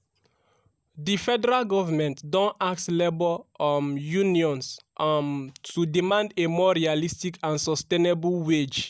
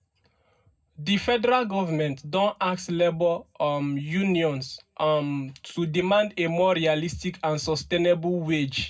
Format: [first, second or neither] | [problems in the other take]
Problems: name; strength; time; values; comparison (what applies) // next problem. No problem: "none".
first | room echo; dies away in 0.3 s